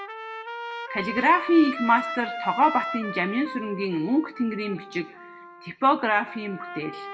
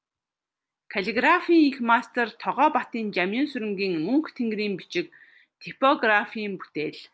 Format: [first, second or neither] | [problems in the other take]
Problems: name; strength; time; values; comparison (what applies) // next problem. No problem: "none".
second | background sound (Trumpet); 10 dB below the speech // room echo; dies away in 0.6 s